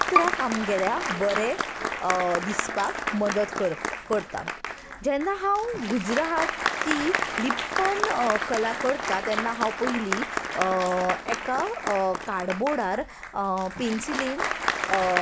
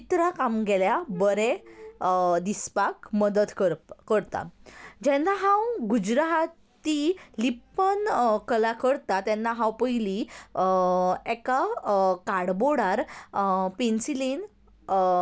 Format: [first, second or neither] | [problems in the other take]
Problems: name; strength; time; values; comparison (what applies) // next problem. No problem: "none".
second | background sound (Applause + Bowed string instrument); 2 dB below the speech